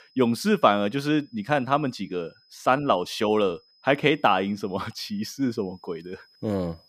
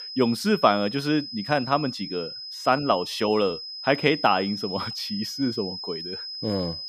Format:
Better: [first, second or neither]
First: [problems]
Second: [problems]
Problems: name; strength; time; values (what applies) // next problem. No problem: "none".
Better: first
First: high-pitched whine; faint; throughout; 5 kHz, 30 dB below the speech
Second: high-pitched whine; loud; throughout; 5 kHz, 8 dB below the speech